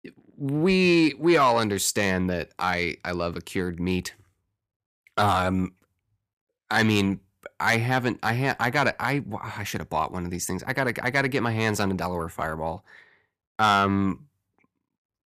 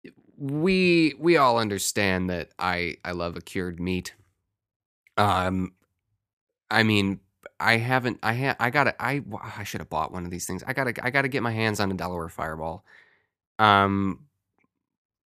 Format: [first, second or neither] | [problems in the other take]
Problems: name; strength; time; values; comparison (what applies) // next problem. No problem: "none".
second | distortion; slight; 10 dB below the speech